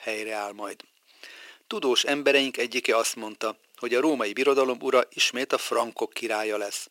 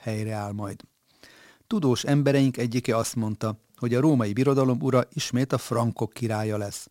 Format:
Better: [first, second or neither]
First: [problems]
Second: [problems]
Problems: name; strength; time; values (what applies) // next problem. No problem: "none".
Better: second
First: thin; somewhat; fading below 350 Hz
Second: none